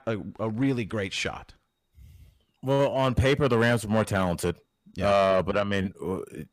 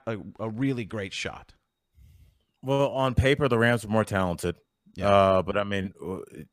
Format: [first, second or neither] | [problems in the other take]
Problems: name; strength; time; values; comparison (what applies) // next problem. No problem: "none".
second | distortion; slight; 10 dB below the speech